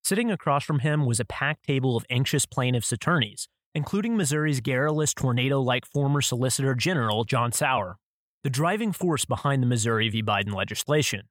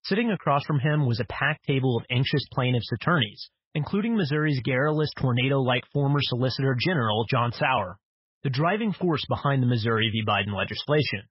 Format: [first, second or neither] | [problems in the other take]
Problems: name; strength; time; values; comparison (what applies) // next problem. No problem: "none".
first | garbled, watery; badly; nothing above 5.5 kHz